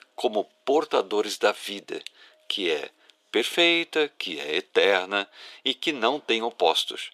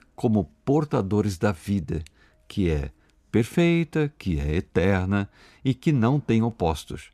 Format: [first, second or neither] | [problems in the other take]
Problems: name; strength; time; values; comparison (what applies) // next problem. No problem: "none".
second | thin; very; fading below 400 Hz